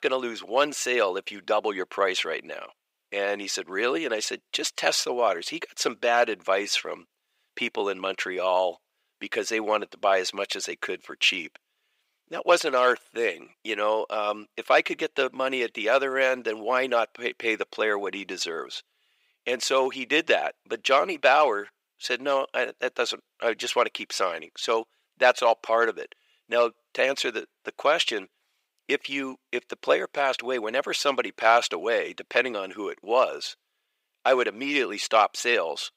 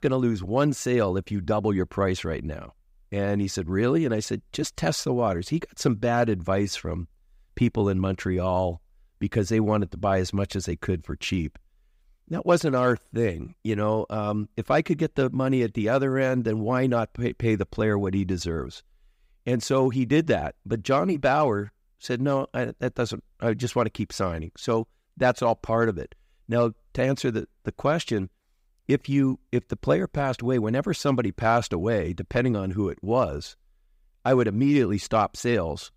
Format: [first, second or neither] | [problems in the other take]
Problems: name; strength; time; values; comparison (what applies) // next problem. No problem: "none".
second | thin; very; fading below 450 Hz